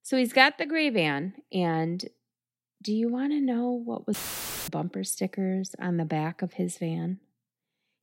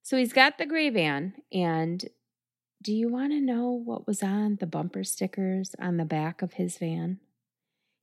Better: second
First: audio cutting out; filled with static; at 4 s for 0.5 s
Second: none

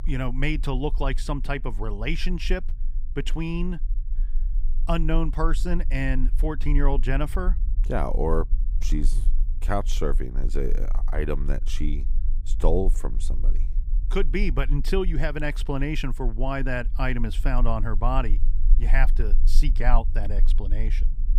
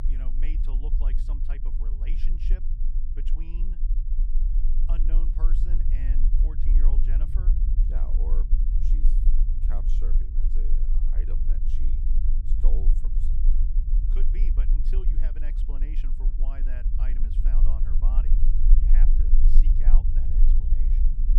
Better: first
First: low rumble; faint; throughout; 20 dB below the speech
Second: low rumble; loud; throughout; 1 dB below the speech

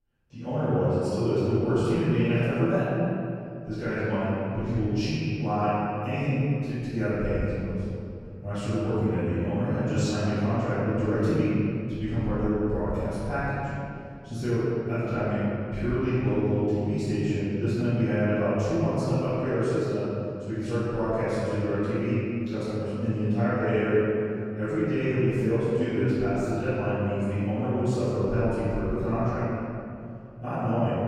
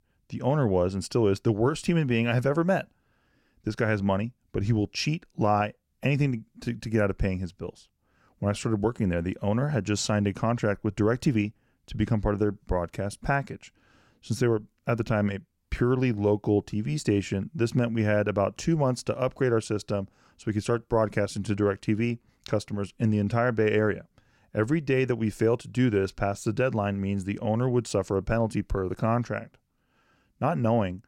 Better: second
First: room echo; strong; dies away in 2.6 s // off-mic speech; far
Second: none

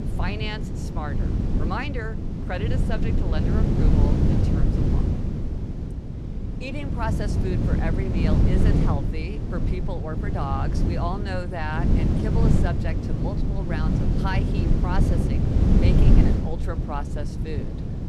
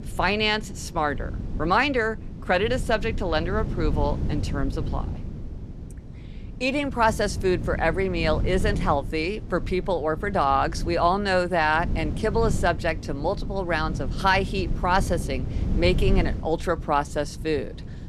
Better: second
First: wind noise on the microphone; heavy; as loud as the speech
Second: wind noise on the microphone; occasional gusts; 20 dB below the speech

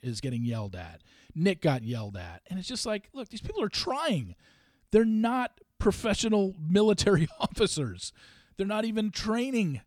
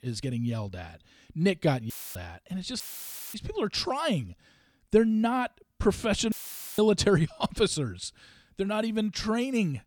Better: first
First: none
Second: audio cutting out; filled with static; at 2 s, at 3 s for 0.5 s and at 6.5 s

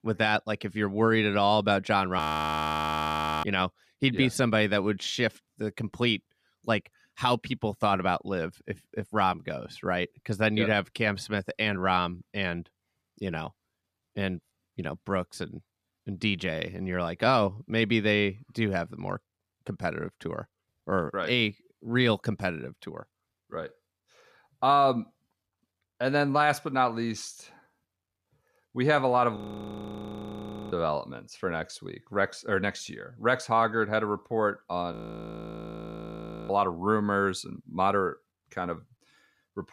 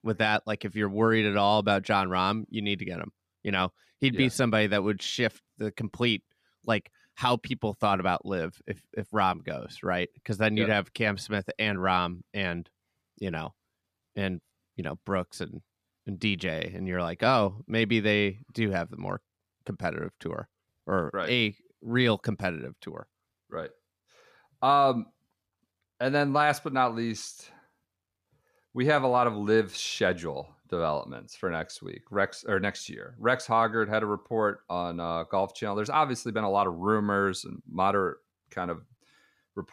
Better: second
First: audio freezing; at 2 s for 1 s, at 29 s for 1.5 s and at 35 s for 1.5 s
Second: none

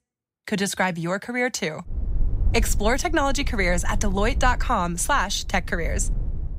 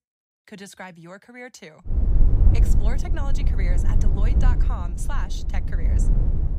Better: first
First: low rumble; faint; from 2 s on; 25 dB below the speech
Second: low rumble; loud; from 2 s on; 2 dB below the speech

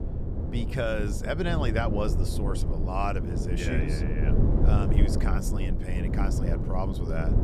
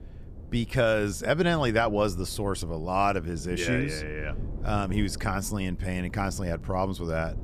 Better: second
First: low rumble; loud; throughout; 4 dB below the speech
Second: low rumble; faint; throughout; 25 dB below the speech

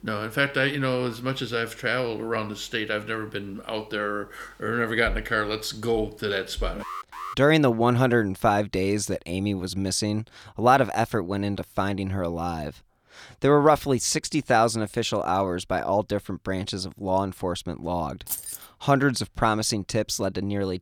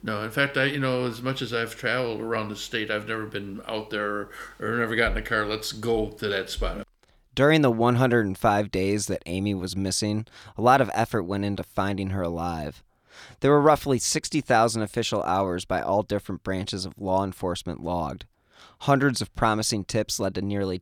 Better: second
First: alarm; faint; at 7 s; peak 10 dB below the speech // jangling keys; noticeable; at 18 s; peak 5 dB below the speech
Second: none

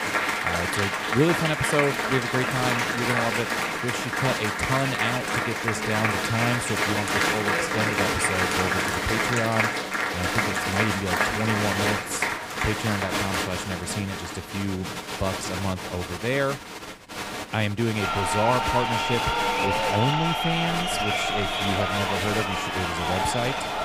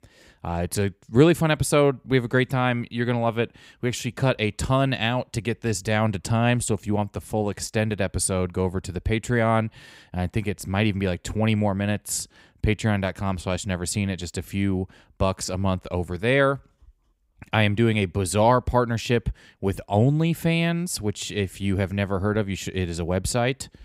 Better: second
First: crowd noise; very loud; throughout; 3 dB above the speech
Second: none

